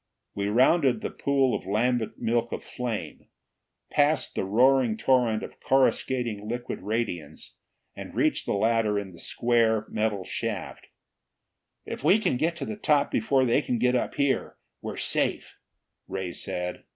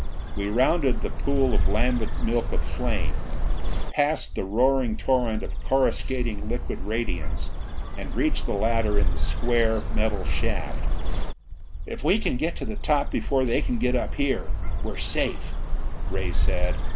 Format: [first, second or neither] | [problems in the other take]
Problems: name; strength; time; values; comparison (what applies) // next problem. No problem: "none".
first | background sound (Bird); 5 dB above the speech